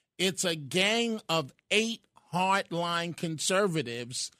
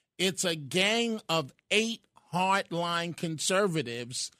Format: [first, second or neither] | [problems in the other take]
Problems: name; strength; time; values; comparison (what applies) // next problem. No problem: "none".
neither | none